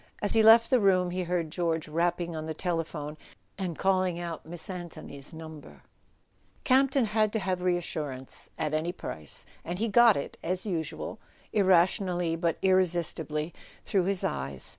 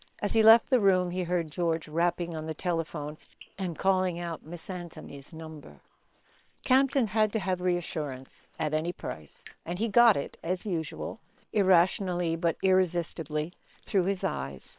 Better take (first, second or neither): first